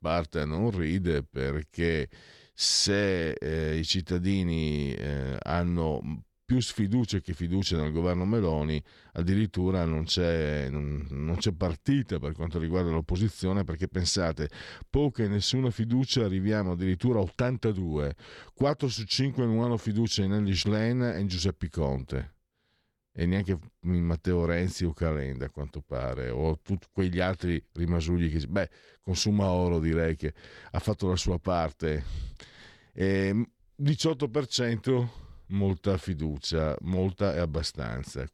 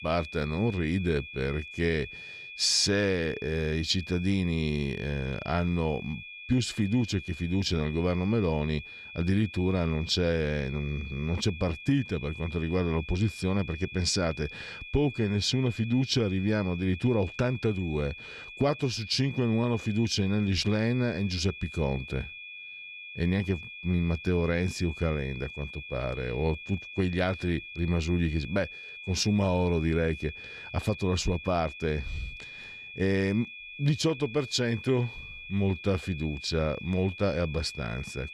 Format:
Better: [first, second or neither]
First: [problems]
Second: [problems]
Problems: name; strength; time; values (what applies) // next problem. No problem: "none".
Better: first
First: none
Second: high-pitched whine; noticeable; throughout; 2.5 kHz, 10 dB below the speech